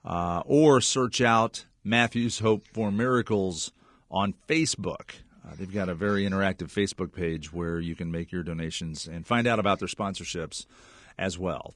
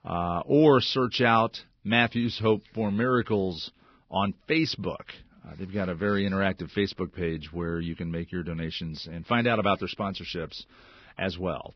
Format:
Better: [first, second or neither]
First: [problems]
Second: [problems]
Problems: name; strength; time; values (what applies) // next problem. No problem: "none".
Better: first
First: garbled, watery; slightly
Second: garbled, watery; badly; nothing above 5.5 kHz